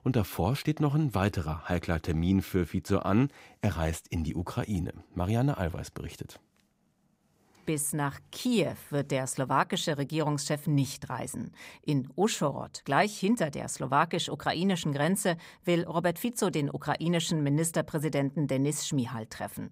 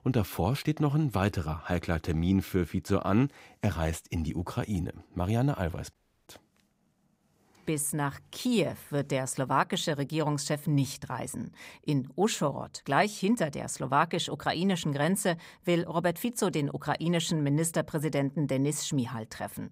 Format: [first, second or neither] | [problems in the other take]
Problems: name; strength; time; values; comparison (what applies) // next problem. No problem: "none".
first | audio cutting out; at 6 s